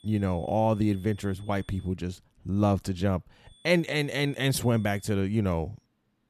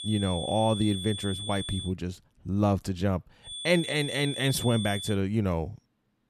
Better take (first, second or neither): first